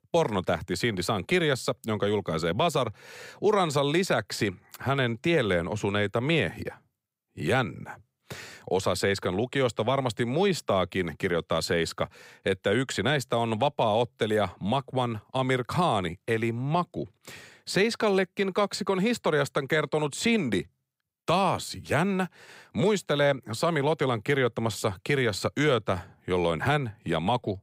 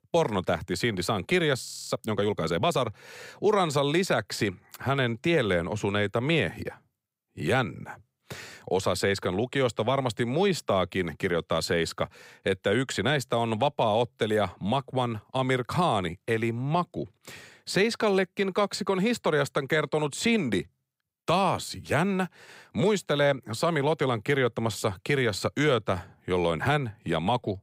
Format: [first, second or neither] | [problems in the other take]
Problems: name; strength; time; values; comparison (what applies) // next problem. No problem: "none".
first | audio freezing; at 1.5 s